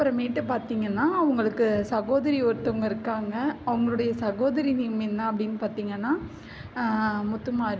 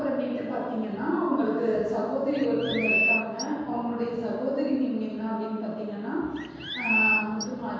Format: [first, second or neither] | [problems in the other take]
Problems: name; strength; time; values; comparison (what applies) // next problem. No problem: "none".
first | background sound (Chirp, tweet); as loud as the speech // room echo; dies away in 1.2 s